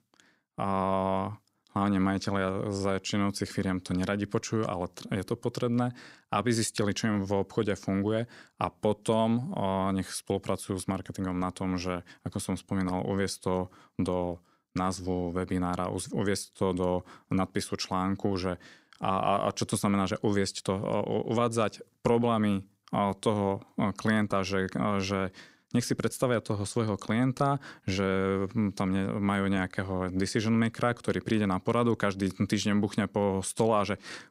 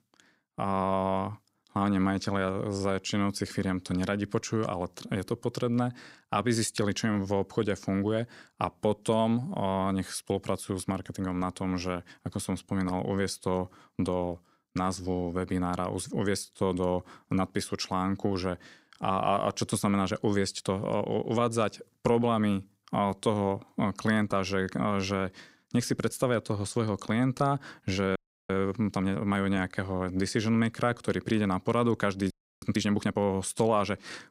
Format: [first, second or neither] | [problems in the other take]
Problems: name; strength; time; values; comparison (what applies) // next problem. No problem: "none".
first | audio freezing; at 28 s and at 32 s